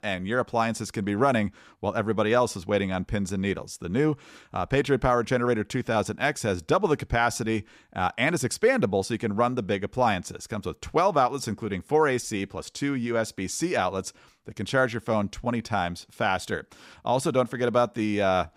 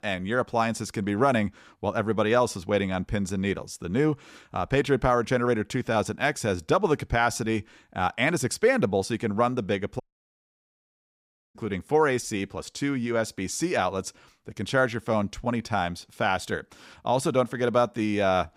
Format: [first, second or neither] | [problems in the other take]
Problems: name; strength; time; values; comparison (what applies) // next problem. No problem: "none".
first | audio cutting out; at 10 s for 1.5 s